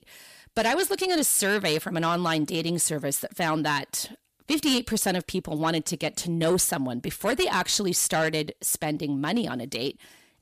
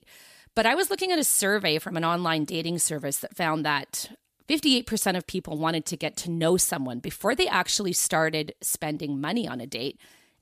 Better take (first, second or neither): second